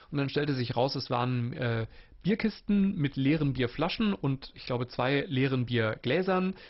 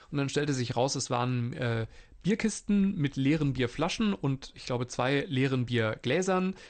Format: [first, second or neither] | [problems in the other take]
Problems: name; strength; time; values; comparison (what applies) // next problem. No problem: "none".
second | garbled, watery; badly; nothing above 5.5 kHz; slightly in the second